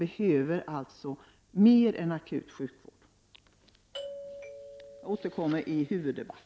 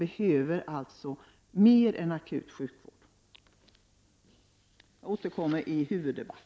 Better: second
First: background sound (Doorbell); 15 dB below the speech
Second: none

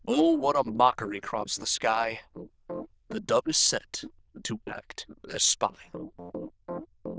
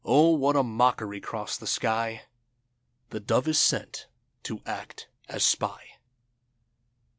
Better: second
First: noise reduction (neural diffusion model UNIVERSE++)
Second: none

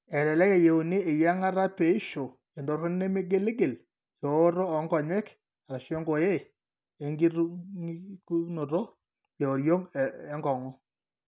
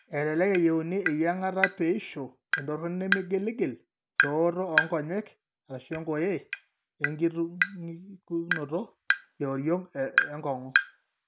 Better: first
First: none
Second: background sound (Tap); 3 dB below the speech

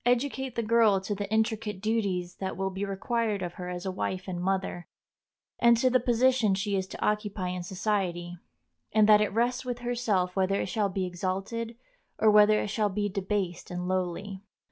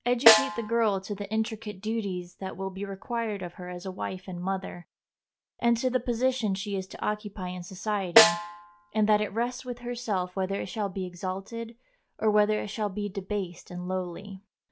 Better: first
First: none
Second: background sound (Snare drum); 2 dB above the speech

